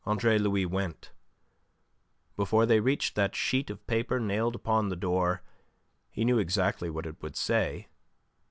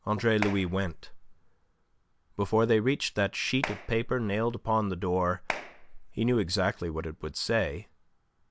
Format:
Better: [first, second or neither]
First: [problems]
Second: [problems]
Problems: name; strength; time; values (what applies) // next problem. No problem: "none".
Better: first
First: none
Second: background sound (Clapping); 10 dB below the speech